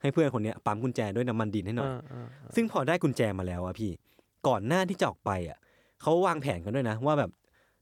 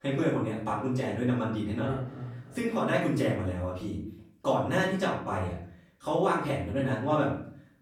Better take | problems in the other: first | off-mic speech; far // room echo; noticeable; dies away in 0.5 s

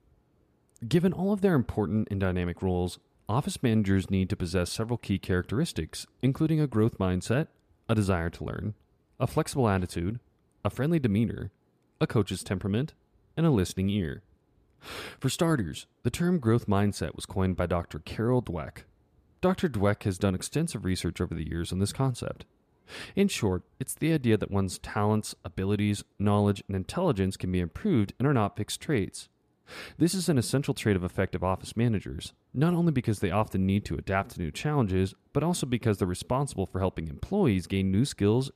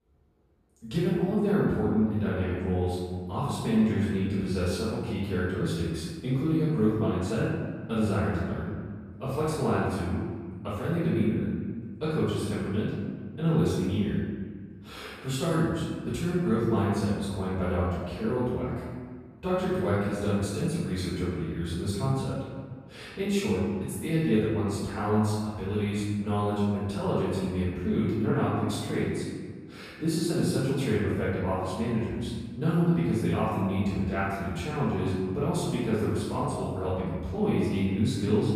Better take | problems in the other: first | off-mic speech; far // room echo; strong; dies away in 1.5 s

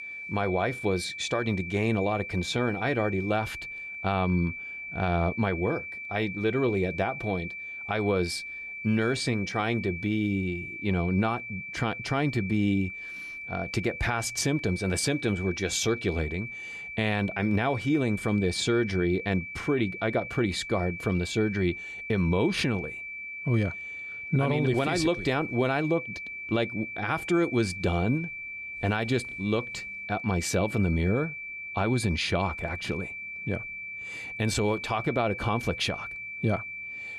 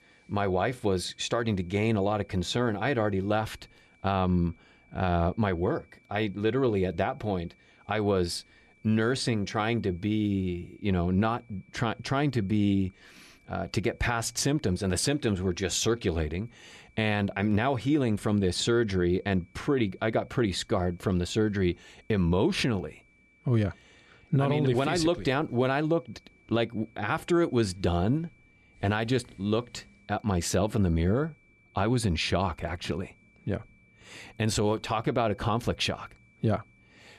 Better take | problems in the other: second | high-pitched whine; loud; throughout; 2.5 kHz, 8 dB below the speech; faint in the second

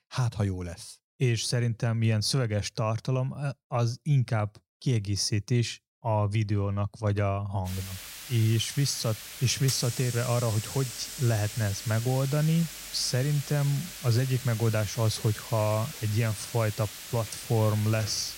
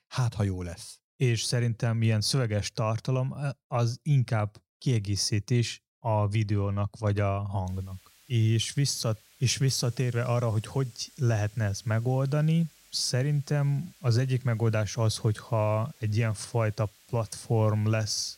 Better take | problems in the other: second | hiss; loud; from 7.5 s on; 10 dB below the speech; faint in the second

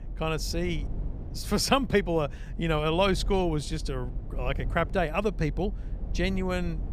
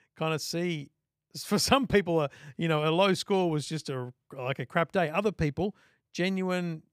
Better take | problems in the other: second | low rumble; faint; throughout; 20 dB below the speech

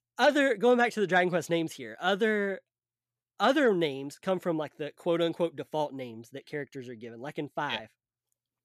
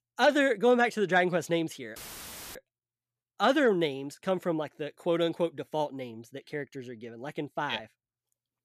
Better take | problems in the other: first | audio cutting out; filled with static; at 2 s for 0.5 s

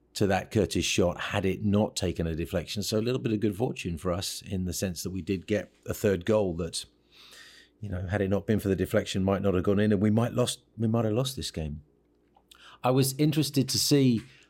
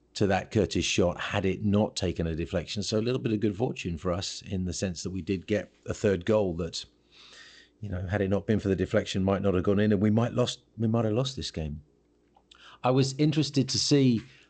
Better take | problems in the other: first | garbled, watery; slightly; nothing above 8 kHz

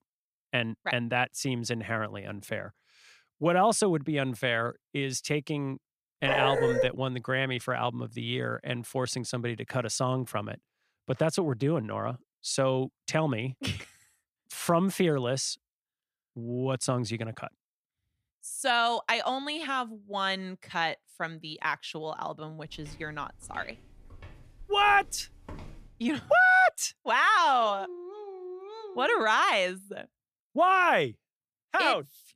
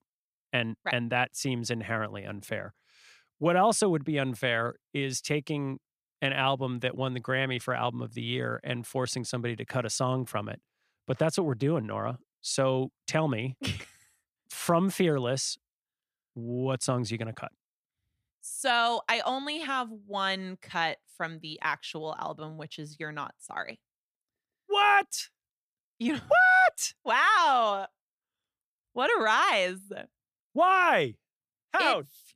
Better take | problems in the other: second | dog barking; loud; at 6.5 s; peak 1 dB above the speech // footsteps; faint; from 23 to 26 s; peak 20 dB below the speech // dog barking; faint; from 28 to 29 s; peak 15 dB below the speech

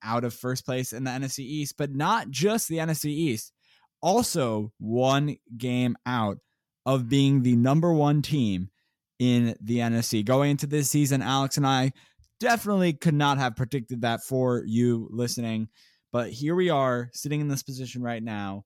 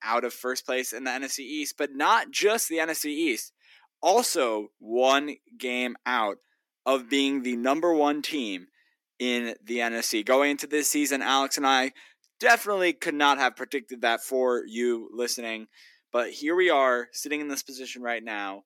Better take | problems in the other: first | thin; somewhat; fading below 300 Hz

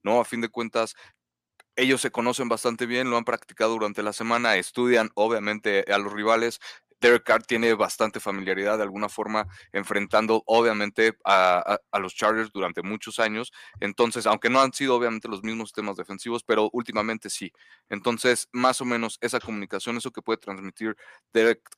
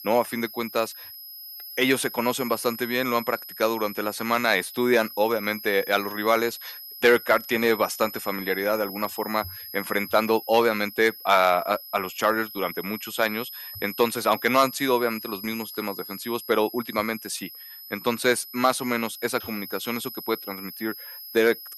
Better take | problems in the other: first | high-pitched whine; noticeable; throughout; 12 kHz, 10 dB below the speech

